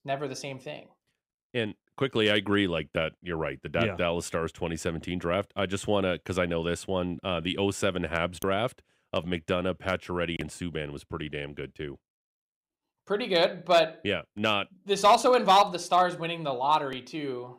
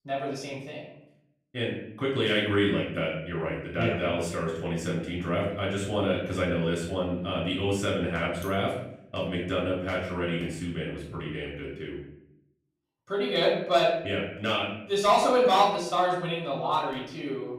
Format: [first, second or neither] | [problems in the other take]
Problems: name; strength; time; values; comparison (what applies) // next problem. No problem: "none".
first | off-mic speech; far // room echo; noticeable; dies away in 0.7 s